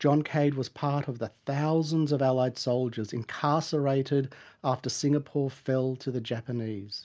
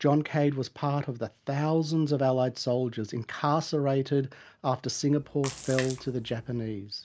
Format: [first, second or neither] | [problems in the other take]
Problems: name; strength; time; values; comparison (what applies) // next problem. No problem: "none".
first | background sound (Splash, splatter); 14 dB below the speech